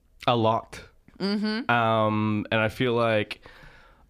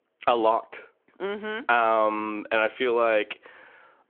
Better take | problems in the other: first | phone-call audio

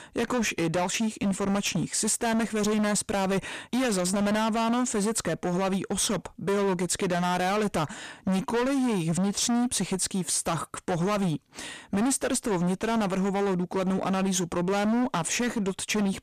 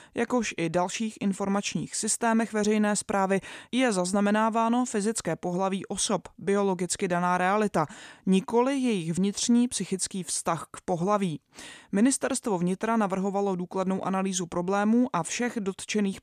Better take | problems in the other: second | distortion; heavy; 26% of the sound clipped

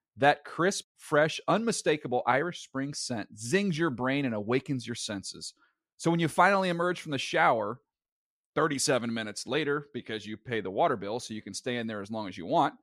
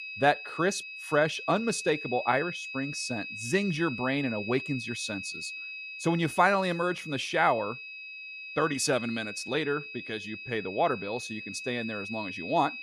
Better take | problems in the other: first | high-pitched whine; loud; throughout; 2.5 kHz, 8 dB below the speech

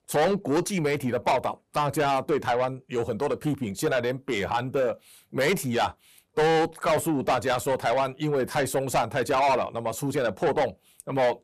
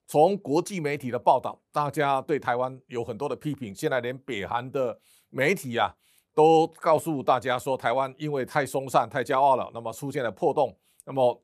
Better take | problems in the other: second | distortion; heavy; 6 dB below the speech

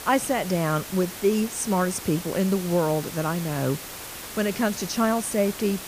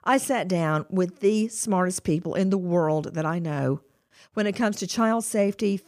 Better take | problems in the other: second | hiss; noticeable; throughout; 10 dB below the speech

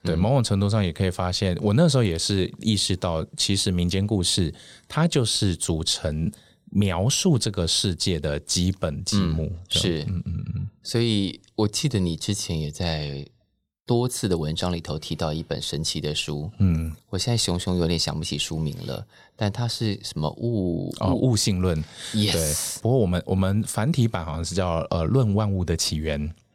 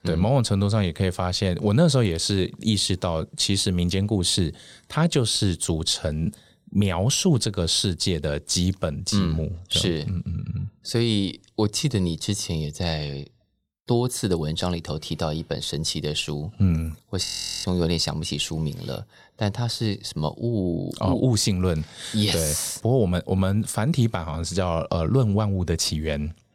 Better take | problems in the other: first | audio freezing; at 17 s

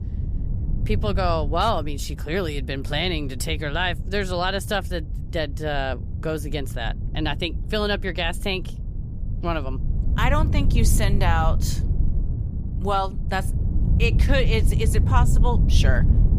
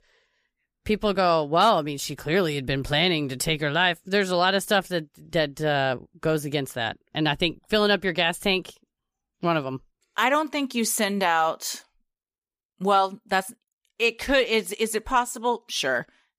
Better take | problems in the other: second | wind noise on the microphone; occasional gusts; 15 dB below the speech

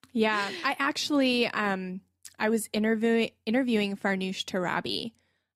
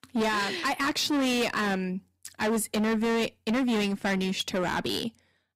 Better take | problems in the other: first | distortion; heavy; 20% of the sound clipped

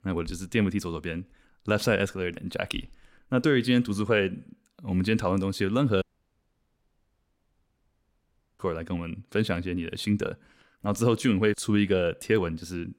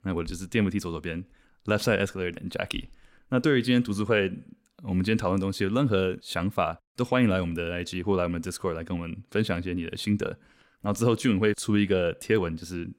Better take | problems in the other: second | audio cutting out; at 6 s for 2.5 s

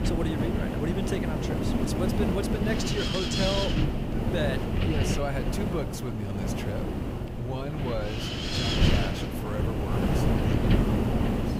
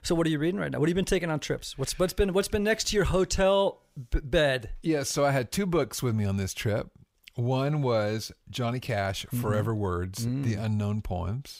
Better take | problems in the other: second | wind noise on the microphone; heavy; 3 dB above the speech

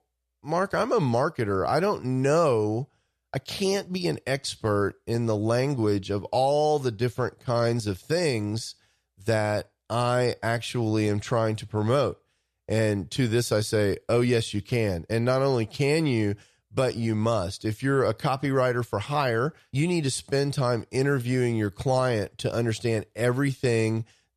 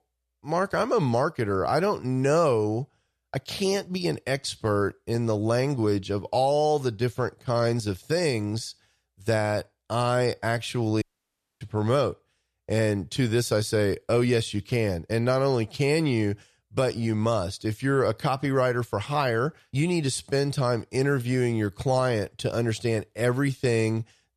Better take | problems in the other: first | audio cutting out; at 11 s for 0.5 s

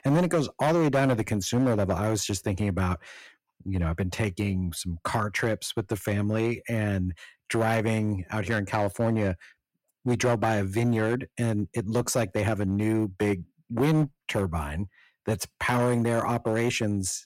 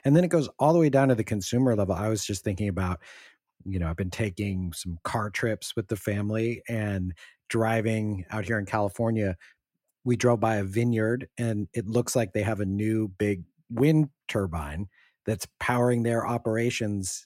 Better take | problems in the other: second | distortion; slight; 6% of the sound clipped

